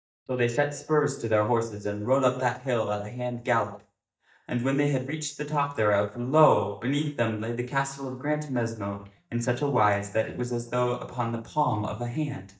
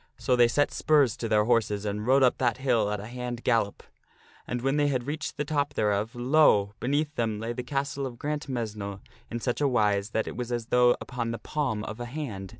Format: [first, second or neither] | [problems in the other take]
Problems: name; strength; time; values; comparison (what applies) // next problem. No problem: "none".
second | noise reduction (neural mask model DeepFilterNet 3)